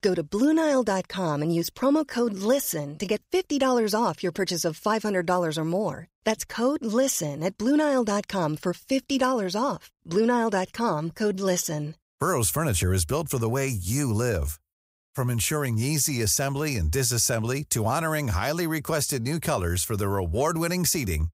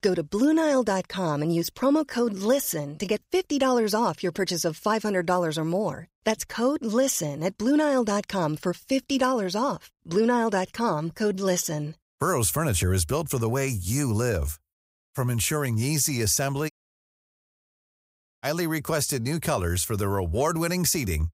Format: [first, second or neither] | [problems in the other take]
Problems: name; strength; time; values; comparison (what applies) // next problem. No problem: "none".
first | audio cutting out; at 17 s for 1.5 s